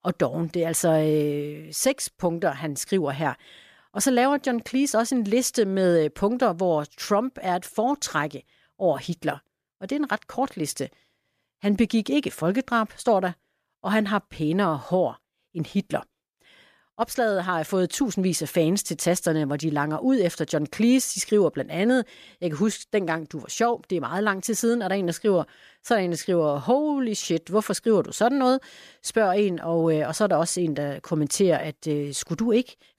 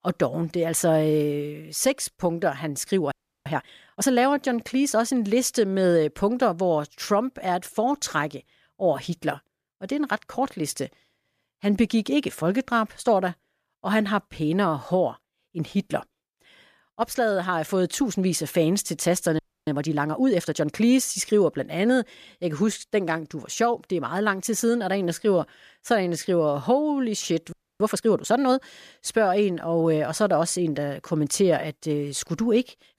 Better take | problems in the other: first | audio freezing; at 3 s, at 19 s and at 28 s

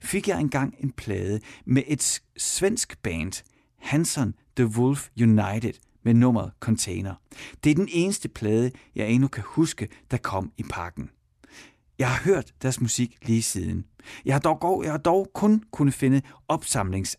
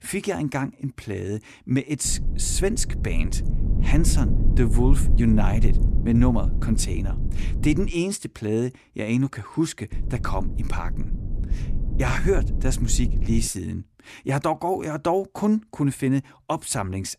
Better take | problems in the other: first | low rumble; noticeable; from 2 to 8 s and from 10 to 13 s; 10 dB below the speech

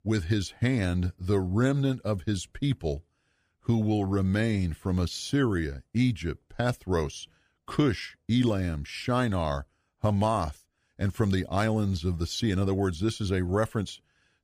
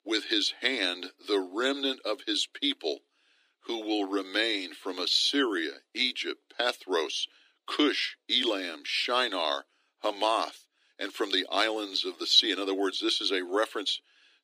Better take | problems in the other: first | thin; somewhat; fading below 300 Hz

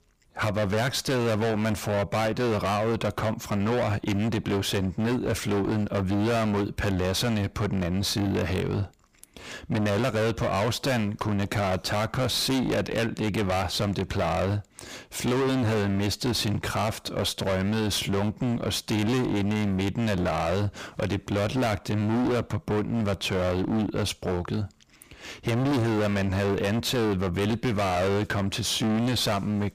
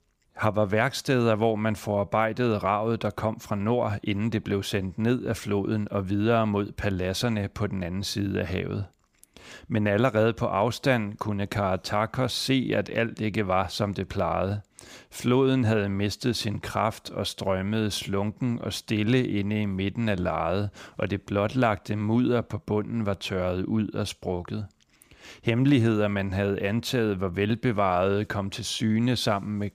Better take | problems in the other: second | distortion; heavy; 34% of the sound clipped

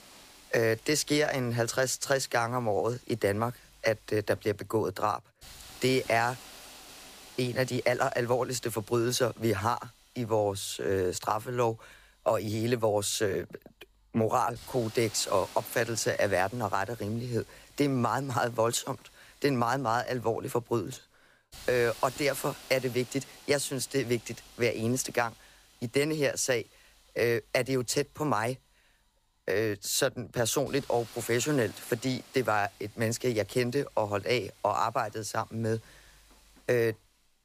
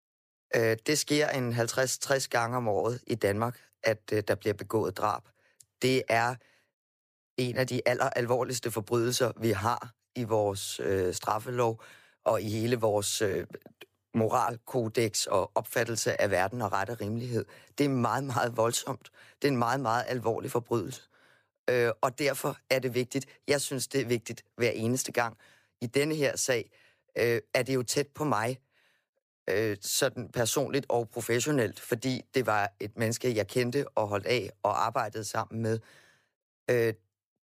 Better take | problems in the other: second | hiss; faint; throughout; 20 dB below the speech

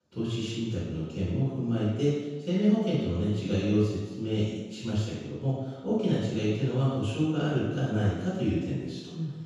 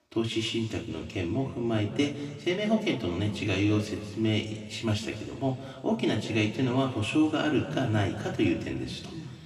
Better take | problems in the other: second | room echo; strong; dies away in 1.2 s; slight in the second // off-mic speech; far; far in the second

